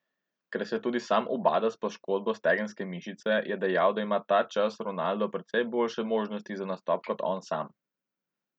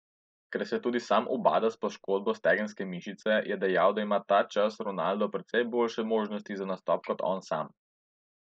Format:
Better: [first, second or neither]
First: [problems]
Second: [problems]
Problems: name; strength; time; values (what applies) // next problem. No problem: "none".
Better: first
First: none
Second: noise reduction (neural mask model Resemble Enhance denoiser)